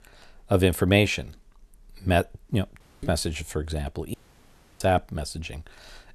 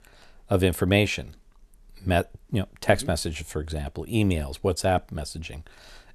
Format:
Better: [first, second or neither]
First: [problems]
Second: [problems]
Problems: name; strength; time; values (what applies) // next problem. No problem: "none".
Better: second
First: audio cutting out; at 3 s and at 4 s for 0.5 s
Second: none